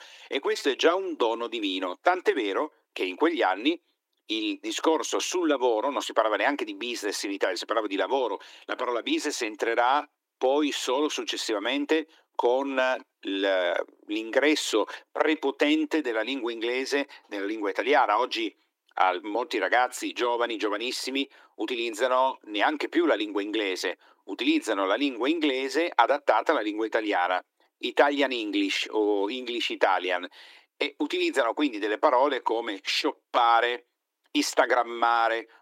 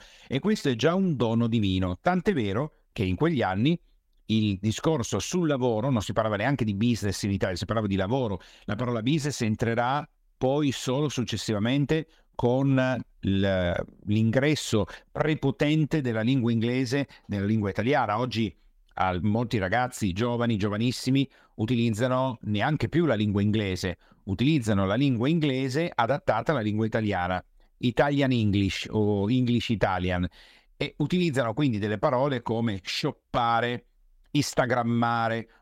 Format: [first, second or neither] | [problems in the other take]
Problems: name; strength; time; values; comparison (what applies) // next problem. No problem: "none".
second | thin; somewhat; fading below 300 Hz